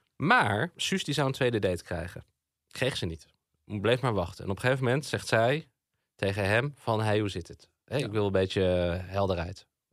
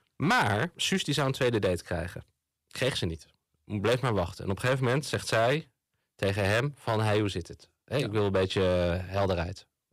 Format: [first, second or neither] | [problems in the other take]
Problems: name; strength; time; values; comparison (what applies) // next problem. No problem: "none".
first | distortion; slight; 5% of the sound clipped